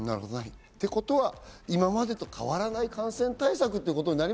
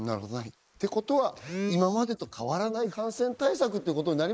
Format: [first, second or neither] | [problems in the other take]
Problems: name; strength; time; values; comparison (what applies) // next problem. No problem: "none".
first | noise reduction (neural mask model Resemble Enhance denoiser)